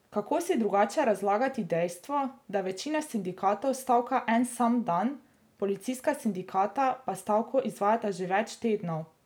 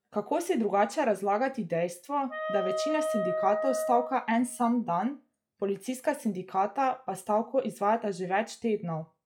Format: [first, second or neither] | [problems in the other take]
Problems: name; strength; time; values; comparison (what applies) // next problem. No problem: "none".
first | noise reduction (classical method log-MMSE)